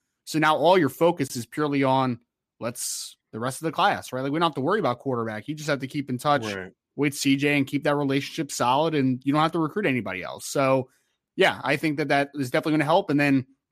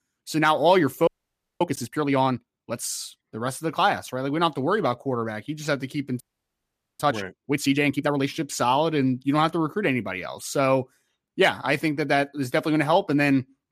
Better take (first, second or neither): first